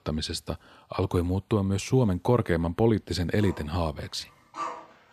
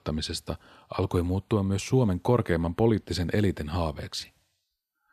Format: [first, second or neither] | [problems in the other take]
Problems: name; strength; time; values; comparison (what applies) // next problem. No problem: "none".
second | animal sounds; noticeable; from 3.5 s on; 10 dB below the speech